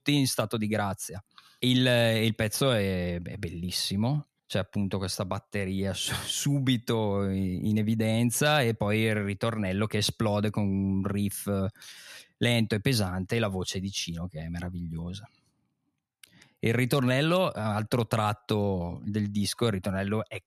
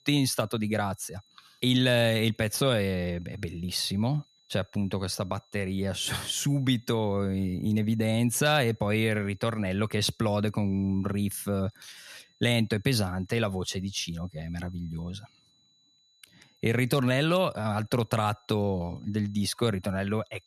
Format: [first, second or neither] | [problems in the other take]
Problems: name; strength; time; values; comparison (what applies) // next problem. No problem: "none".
first | high-pitched whine; faint; throughout; 4 kHz, 35 dB below the speech